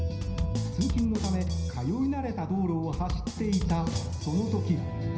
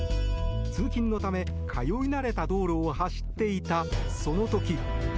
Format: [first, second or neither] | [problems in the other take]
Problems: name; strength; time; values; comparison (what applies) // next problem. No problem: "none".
second | background sound (Bass drum / Snare drum); 8 dB below the speech // room echo; dies away in 0.9 s